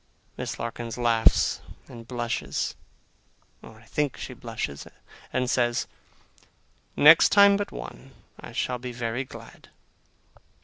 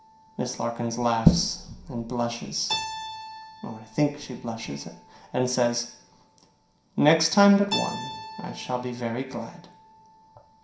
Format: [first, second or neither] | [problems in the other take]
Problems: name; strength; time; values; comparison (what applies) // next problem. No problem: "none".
first | background sound (Keyboard (musical)); 13 dB below the speech // room echo; dies away in 0.5 s